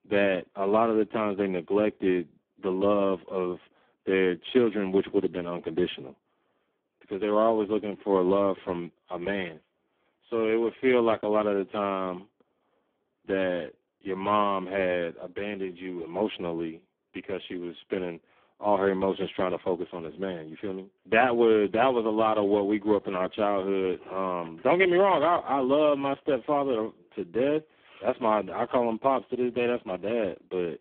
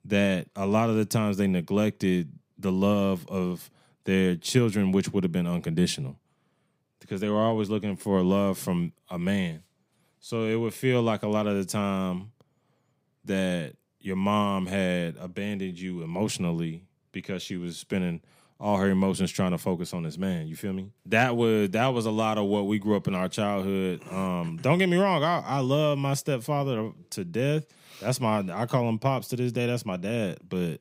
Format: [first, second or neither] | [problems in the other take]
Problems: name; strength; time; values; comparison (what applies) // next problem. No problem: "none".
second | phone-call audio; poor line